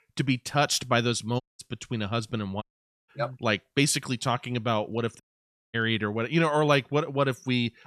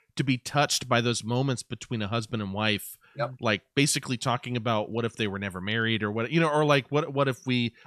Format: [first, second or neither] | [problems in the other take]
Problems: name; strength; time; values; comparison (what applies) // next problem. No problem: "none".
second | audio cutting out; at 1.5 s, at 2.5 s and at 5 s for 0.5 s